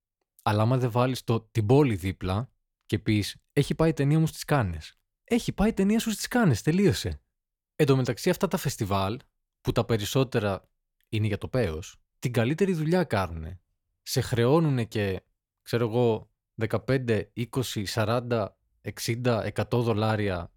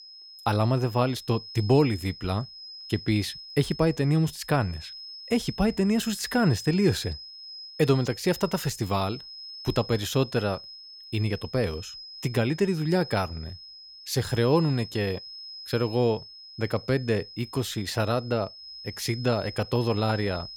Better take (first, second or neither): first